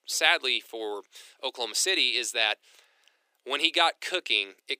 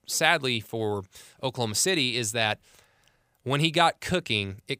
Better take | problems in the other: second | thin; very; fading below 300 Hz

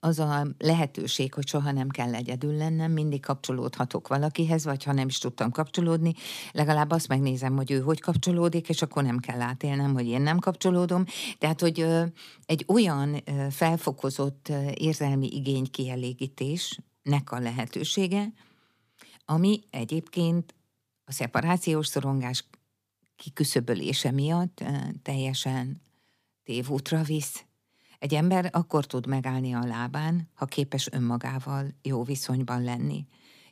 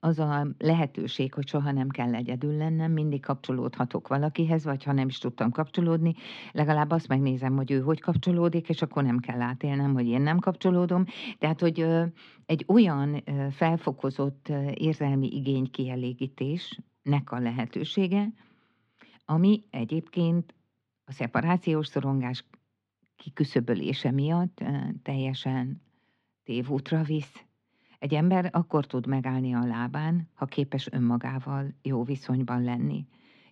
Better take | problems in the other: first | muffled; slightly; fading above 3 kHz

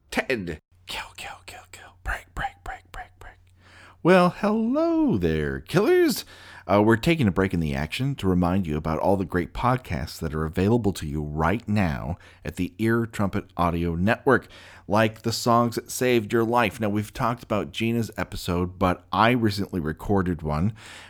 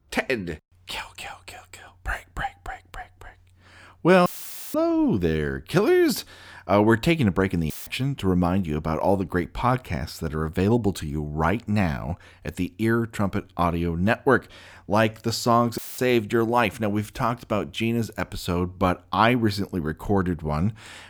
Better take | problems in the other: first | audio cutting out; filled with static; at 4.5 s, at 7.5 s and at 16 s

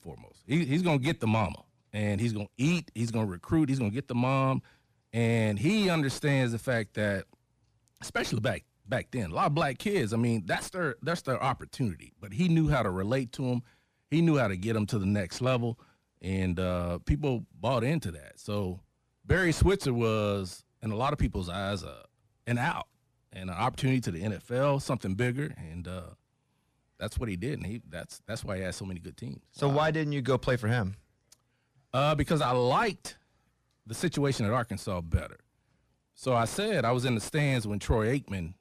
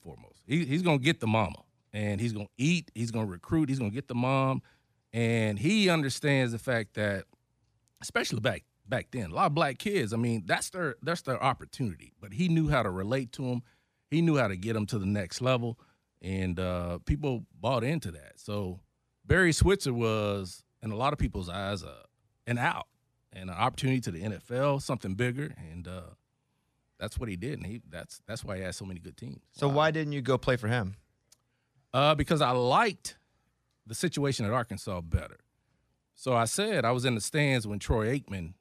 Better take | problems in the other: second | distortion; slight; 10 dB below the speech

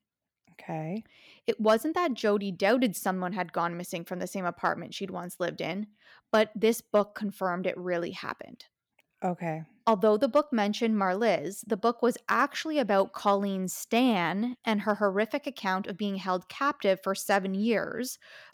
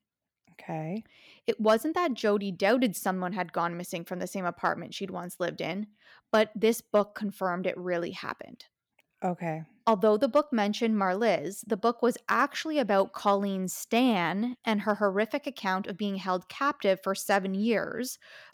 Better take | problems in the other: neither | none

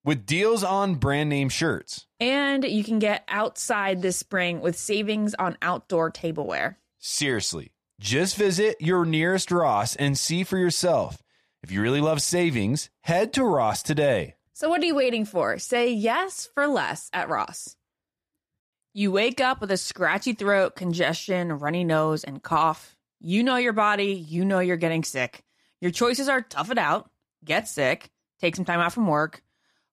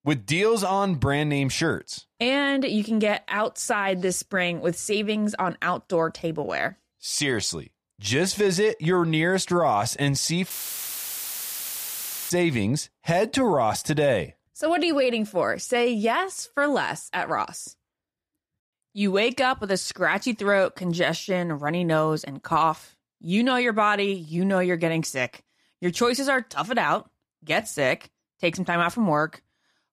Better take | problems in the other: first | audio cutting out; filled with static; at 11 s for 2 s

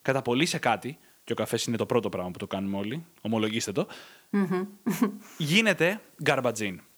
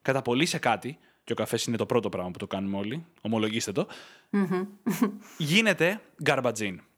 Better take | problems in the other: second | hiss; faint; throughout; 30 dB below the speech

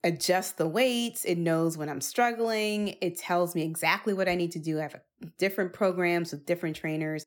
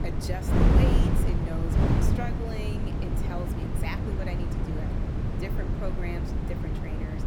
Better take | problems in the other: first | wind noise on the microphone; heavy; 4 dB above the speech

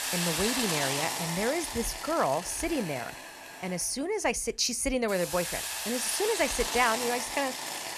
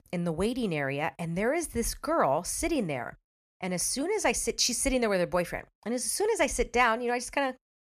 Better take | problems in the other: second | hiss; loud; throughout; 2 dB below the speech

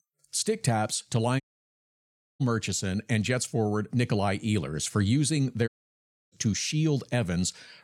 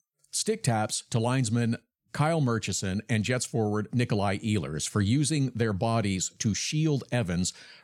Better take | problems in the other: second | audio cutting out; at 1.5 s for 1 s and at 5.5 s for 0.5 s

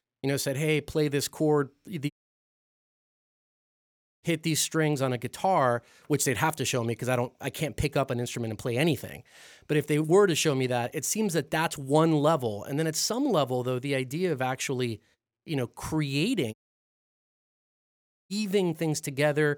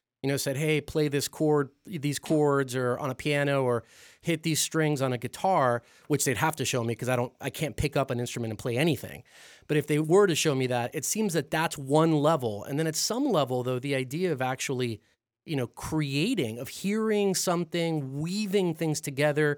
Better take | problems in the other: second | audio cutting out; at 2 s for 2 s and at 17 s for 2 s

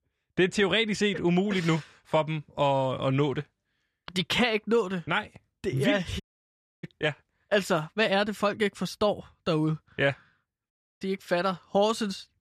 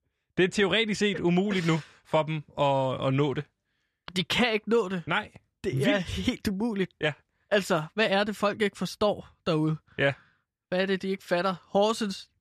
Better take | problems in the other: second | audio cutting out; at 6 s for 0.5 s and at 11 s

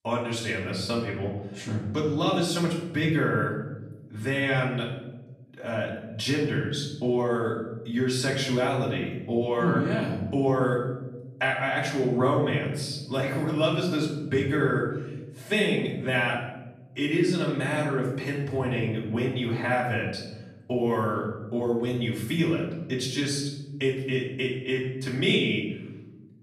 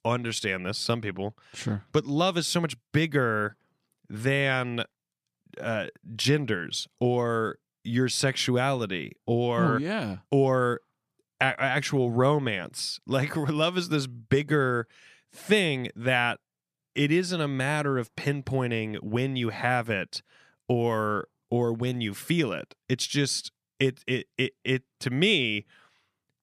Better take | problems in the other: second | off-mic speech; far // room echo; noticeable; dies away in 1.1 s

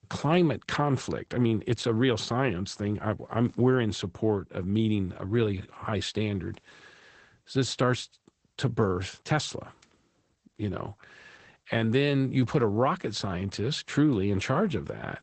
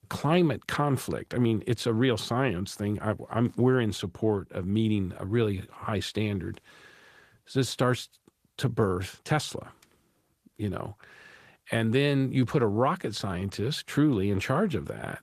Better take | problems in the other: second | garbled, watery; badly; nothing above 8 kHz; slightly in the second

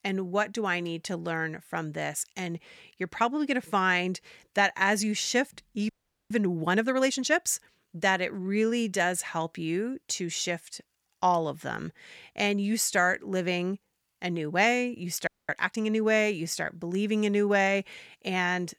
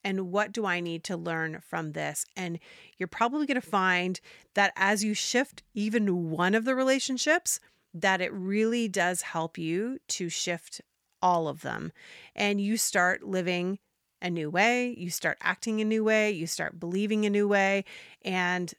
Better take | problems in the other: second | audio freezing; at 6 s and at 15 s

